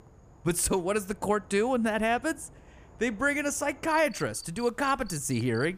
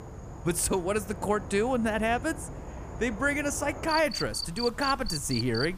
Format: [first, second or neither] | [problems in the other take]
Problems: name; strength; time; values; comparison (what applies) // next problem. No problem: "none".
first | animal sounds; loud; throughout; 9 dB below the speech; faint in the first